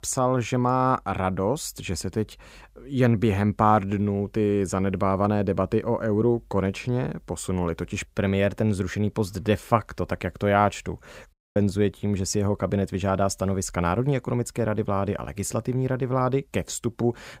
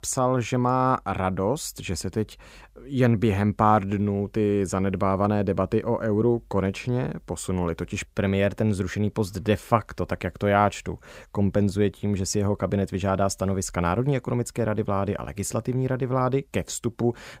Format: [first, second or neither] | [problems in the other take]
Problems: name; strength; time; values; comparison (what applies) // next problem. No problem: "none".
second | audio cutting out; at 11 s